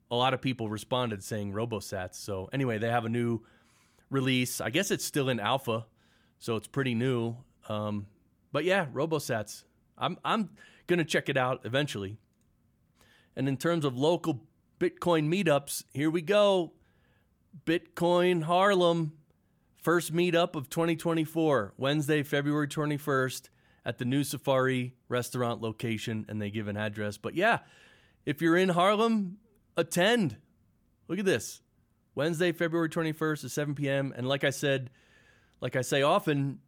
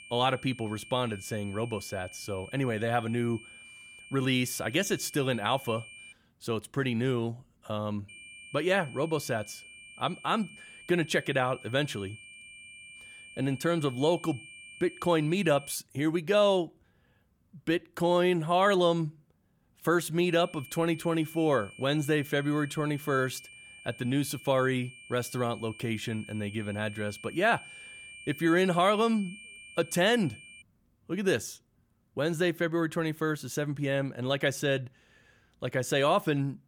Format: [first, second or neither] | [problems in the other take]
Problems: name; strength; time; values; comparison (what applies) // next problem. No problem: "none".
first | high-pitched whine; noticeable; until 6 s, from 8 to 16 s and from 20 to 31 s; 2.5 kHz, 20 dB below the speech